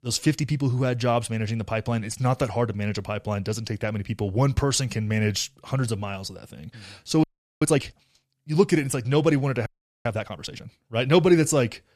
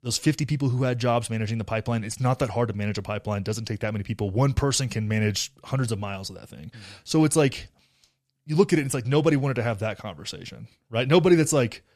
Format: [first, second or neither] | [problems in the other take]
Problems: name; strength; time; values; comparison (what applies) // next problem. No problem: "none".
second | audio freezing; at 7 s and at 9.5 s